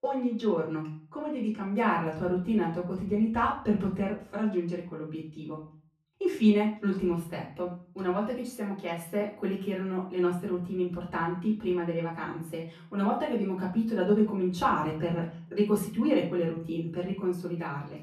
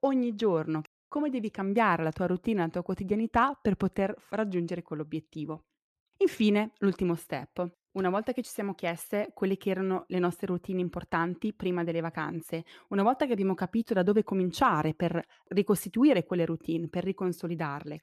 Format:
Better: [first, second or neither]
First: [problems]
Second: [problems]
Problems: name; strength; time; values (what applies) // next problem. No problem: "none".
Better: second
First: off-mic speech; far // room echo; slight; dies away in 0.4 s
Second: none